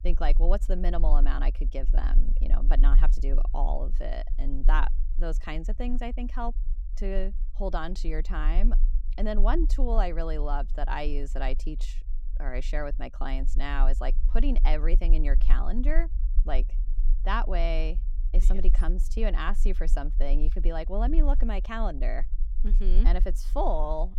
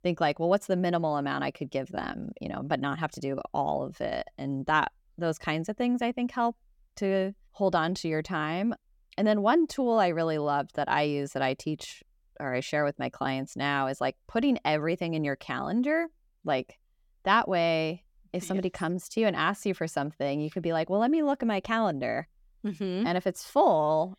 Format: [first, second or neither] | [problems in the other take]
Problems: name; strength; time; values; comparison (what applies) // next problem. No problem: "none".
second | low rumble; noticeable; throughout; 20 dB below the speech